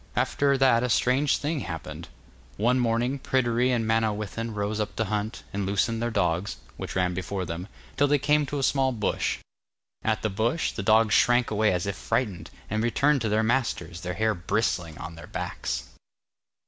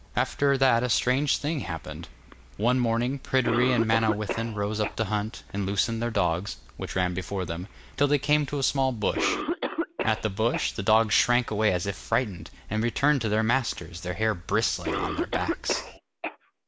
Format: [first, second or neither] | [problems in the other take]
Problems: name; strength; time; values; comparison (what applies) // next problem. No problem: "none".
first | background sound (Cough); 9 dB below the speech